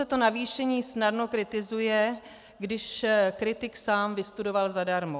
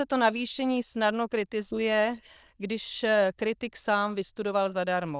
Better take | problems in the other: first | noise reduction (neural diffusion model UNIVERSE++)

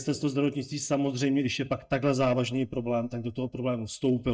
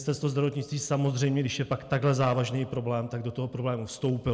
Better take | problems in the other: second | noise reduction (neural mask model DeepFilterNet 3)

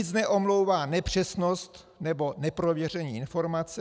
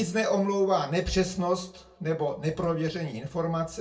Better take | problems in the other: first | room echo; dies away in 0.3 s

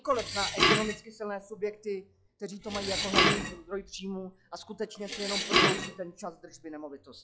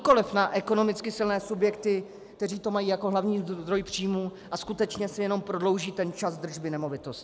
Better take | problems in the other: second | noise reduction (classical method log-MMSE)

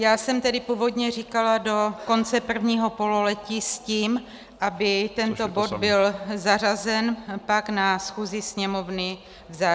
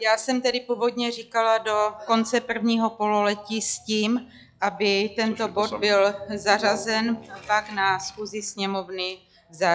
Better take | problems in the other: first | noise reduction (classical method log-MMSE)

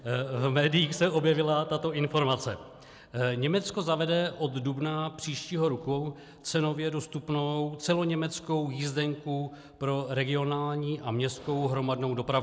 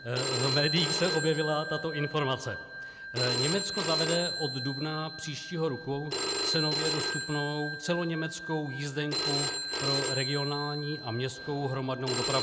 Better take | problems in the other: first | background sound (Telephone); 2 dB below the speech

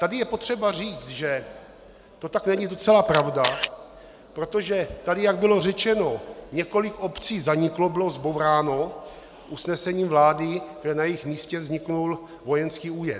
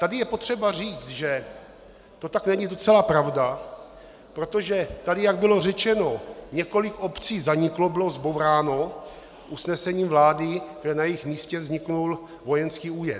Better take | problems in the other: second | background sound (Camera); 7 dB below the speech

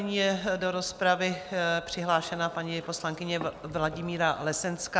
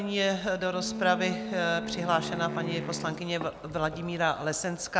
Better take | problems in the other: first | background sound (Wind instrument, woodwind instrument); 8 dB below the speech

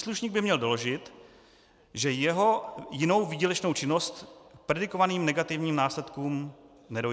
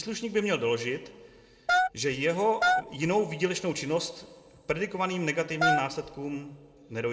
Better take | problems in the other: first | background sound (Wind instrument, woodwind instrument); 2 dB above the speech // room echo; dies away in 0.8 s

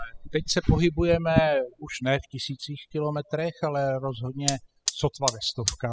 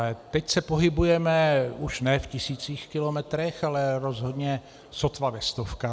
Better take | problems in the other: second | noise reduction (classical method spectral subtraction)

